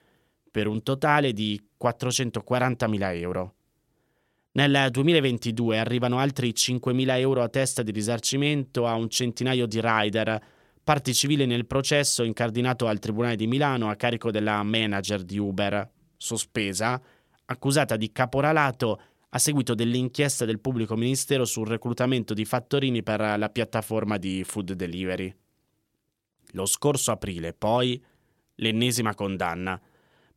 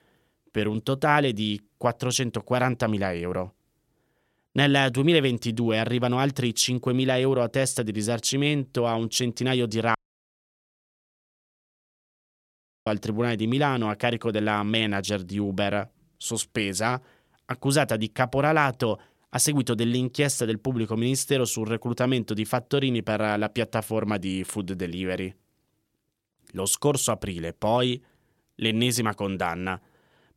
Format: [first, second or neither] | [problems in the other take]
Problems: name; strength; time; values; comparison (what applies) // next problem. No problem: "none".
first | audio cutting out; at 10 s for 3 s